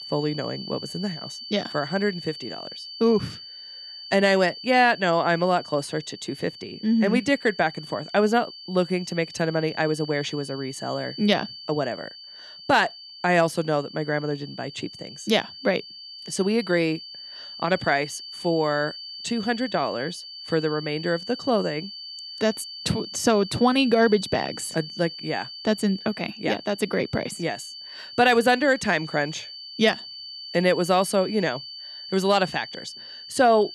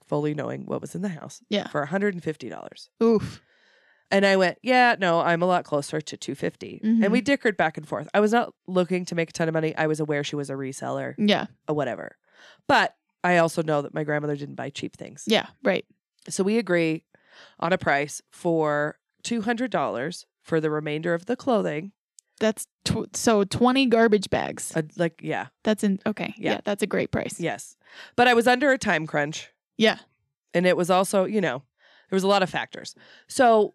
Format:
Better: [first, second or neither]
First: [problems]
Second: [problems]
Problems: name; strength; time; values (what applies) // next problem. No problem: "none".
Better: second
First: high-pitched whine; noticeable; throughout; 4.5 kHz, 10 dB below the speech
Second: none